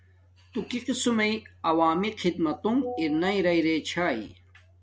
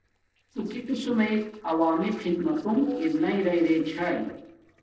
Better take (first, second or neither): first